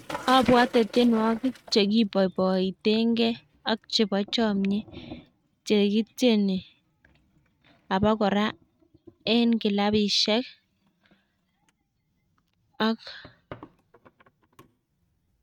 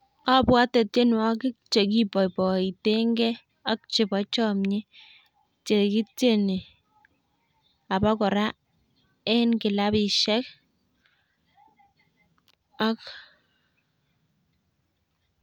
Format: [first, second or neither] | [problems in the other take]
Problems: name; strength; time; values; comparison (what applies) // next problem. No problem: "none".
second | noise reduction (neural mask model RNNoise)